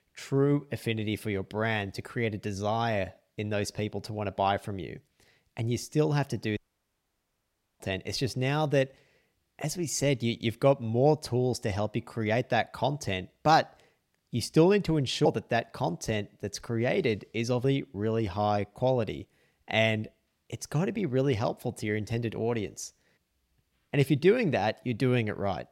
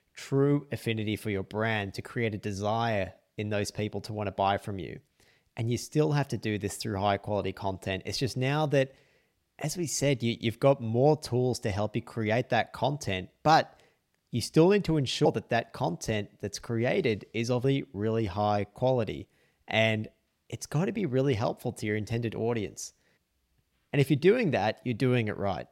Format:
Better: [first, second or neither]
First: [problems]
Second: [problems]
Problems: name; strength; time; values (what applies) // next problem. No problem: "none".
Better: second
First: audio cutting out; at 6.5 s for 1 s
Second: none